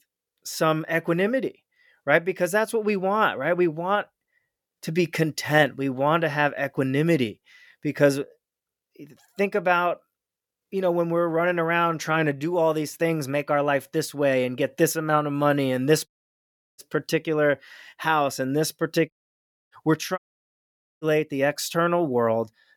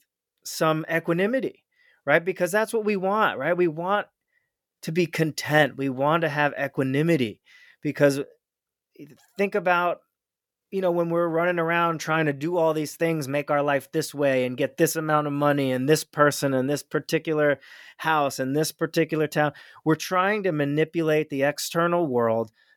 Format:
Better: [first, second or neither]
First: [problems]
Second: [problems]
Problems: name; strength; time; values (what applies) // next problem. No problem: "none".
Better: second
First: audio cutting out; at 16 s for 0.5 s, at 19 s for 0.5 s and at 20 s for 1 s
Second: none